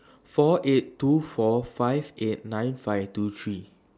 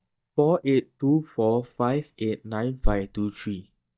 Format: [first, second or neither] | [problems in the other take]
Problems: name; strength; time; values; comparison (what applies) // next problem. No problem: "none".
first | noise reduction (neural mask model DeepFilterNet 3)